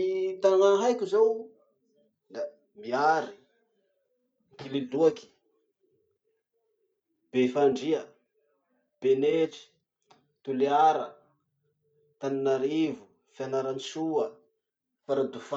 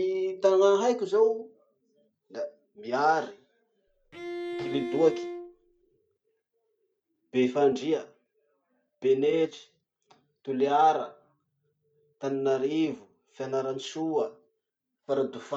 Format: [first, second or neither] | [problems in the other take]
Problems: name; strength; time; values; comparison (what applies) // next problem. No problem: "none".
first | background sound (Bowed string instrument); 7 dB below the speech